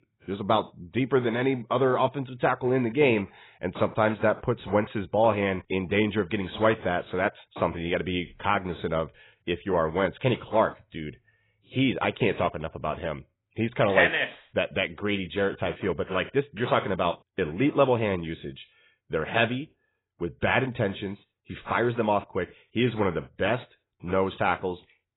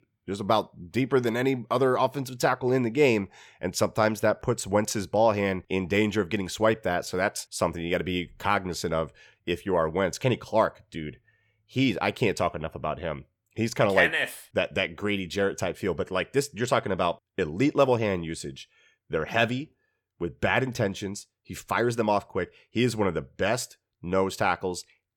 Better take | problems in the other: second | garbled, watery; badly; nothing above 4 kHz

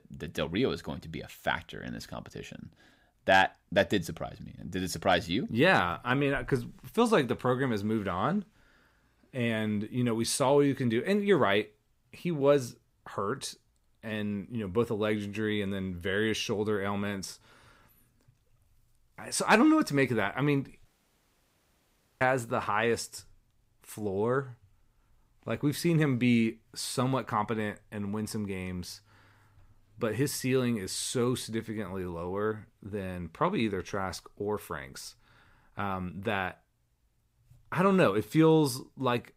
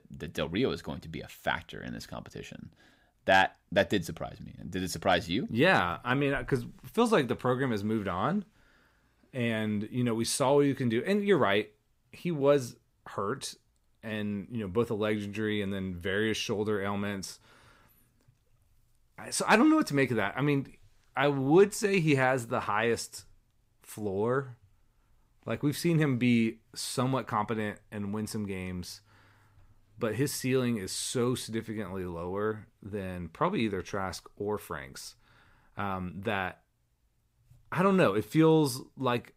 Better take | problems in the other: second | audio cutting out; at 21 s for 1.5 s

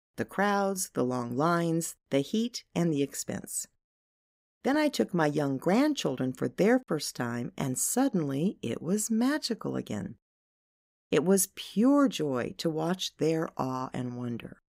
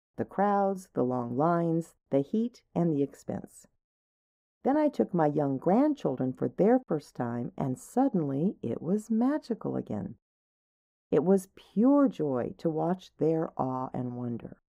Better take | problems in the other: first | muffled; very; fading above 1.5 kHz

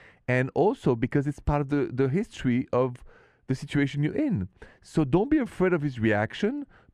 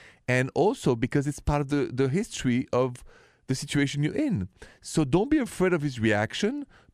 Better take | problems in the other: second | muffled; slightly; fading above 3.5 kHz

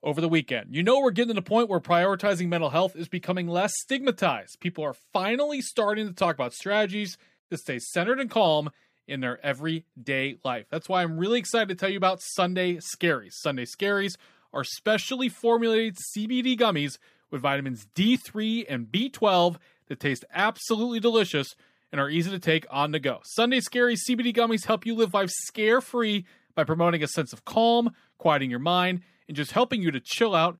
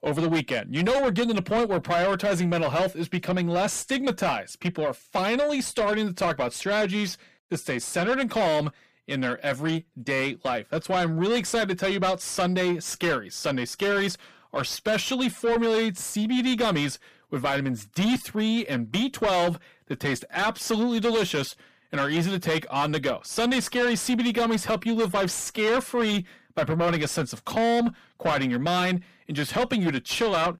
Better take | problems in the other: first | distortion; heavy; 7 dB below the speech

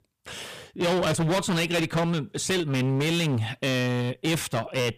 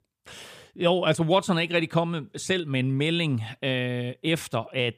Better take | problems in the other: second | distortion; heavy; 24% of the sound clipped

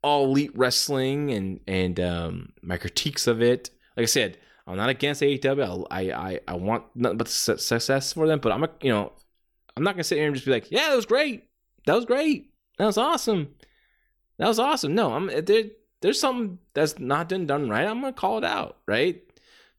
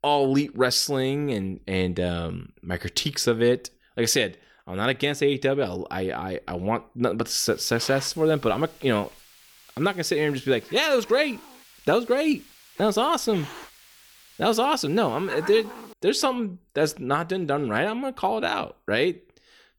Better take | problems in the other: first | hiss; noticeable; from 7.5 to 16 s; 20 dB below the speech

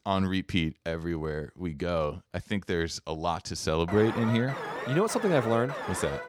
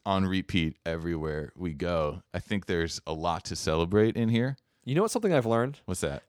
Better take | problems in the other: second | alarm; noticeable; from 4 s on; peak 6 dB below the speech

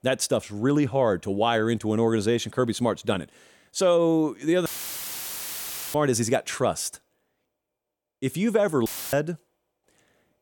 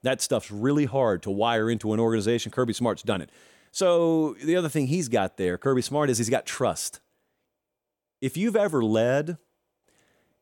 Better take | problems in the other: second | audio cutting out; filled with static; at 4.5 s for 1.5 s and at 9 s

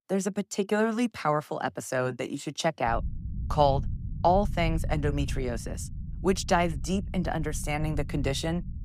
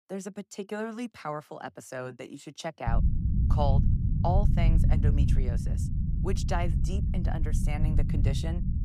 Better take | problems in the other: first | low rumble; loud; from 3 s on; 5 dB below the speech; faint in the first

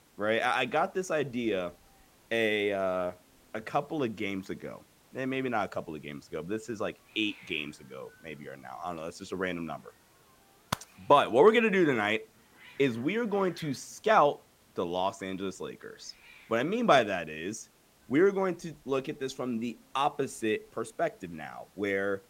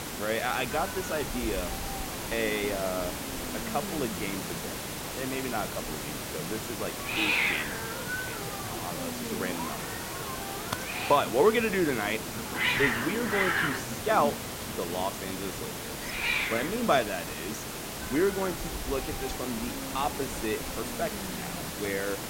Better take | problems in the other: first | hiss; loud; throughout; 1 dB below the speech; faint in the first

